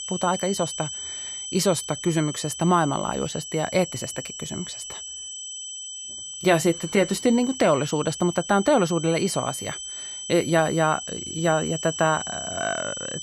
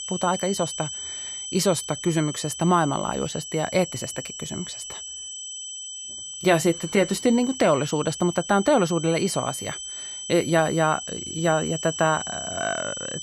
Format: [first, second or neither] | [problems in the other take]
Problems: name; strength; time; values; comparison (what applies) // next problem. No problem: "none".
neither | high-pitched whine; loud; throughout; 3 kHz, 8 dB below the speech; the same in both